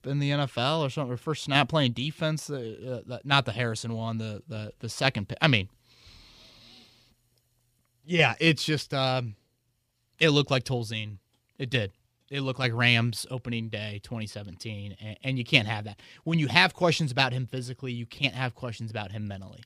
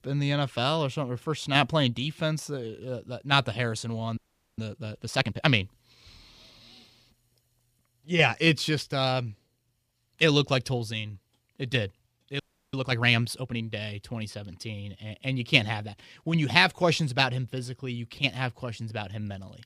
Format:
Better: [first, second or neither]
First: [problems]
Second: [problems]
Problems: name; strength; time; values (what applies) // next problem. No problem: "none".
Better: first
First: none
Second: audio freezing; at 4 s and at 12 s